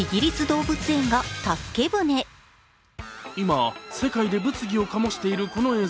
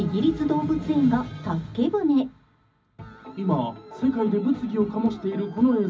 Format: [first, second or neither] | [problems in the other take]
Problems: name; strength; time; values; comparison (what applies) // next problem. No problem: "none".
first | room echo; dies away in 0.4 s